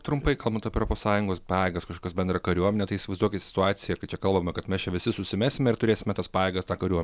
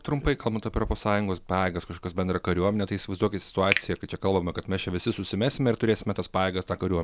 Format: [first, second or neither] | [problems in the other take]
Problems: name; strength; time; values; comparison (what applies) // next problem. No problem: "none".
first | background sound (Finger snapping); 10 dB below the speech